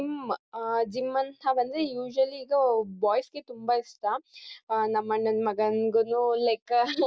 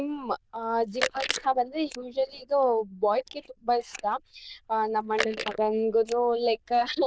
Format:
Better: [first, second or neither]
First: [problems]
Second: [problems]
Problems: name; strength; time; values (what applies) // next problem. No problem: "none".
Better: first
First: none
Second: noise reduction (neural diffusion model UNIVERSE++)